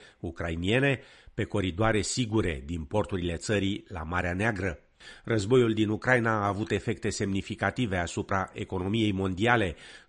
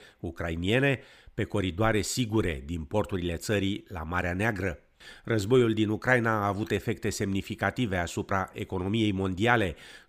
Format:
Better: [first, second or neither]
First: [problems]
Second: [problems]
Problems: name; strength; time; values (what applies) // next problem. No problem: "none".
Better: second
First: garbled, watery; slightly; nothing above 9 kHz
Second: none